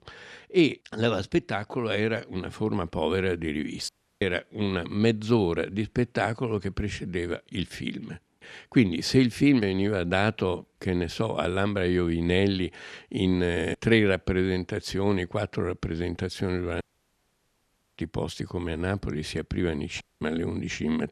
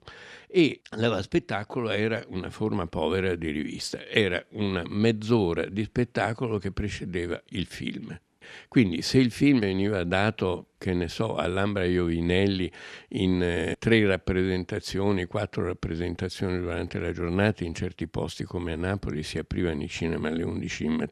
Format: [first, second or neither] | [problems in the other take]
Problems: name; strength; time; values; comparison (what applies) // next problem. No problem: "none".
second | audio cutting out; at 4 s, at 17 s for 1 s and at 20 s